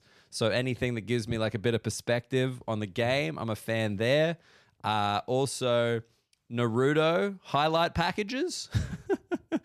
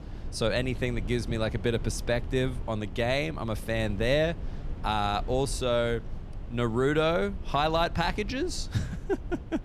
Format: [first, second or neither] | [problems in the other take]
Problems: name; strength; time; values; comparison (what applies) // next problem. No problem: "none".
first | low rumble; faint; throughout; 20 dB below the speech